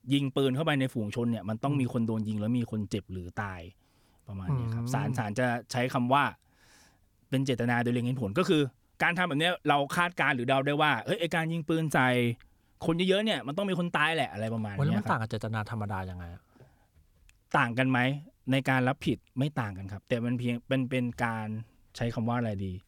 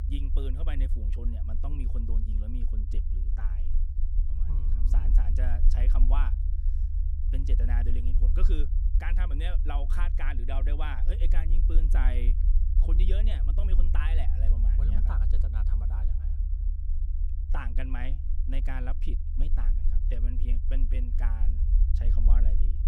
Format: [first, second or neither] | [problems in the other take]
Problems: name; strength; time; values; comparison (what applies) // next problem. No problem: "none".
first | low rumble; loud; throughout; 7 dB below the speech